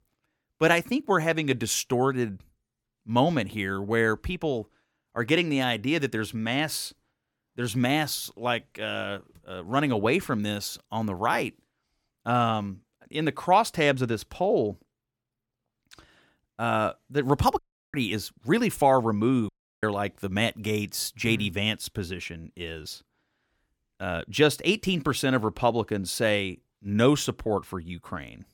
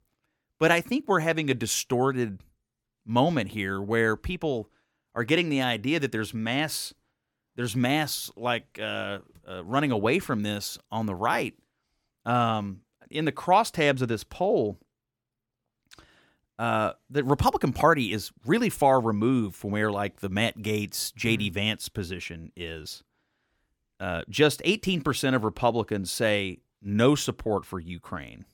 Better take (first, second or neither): second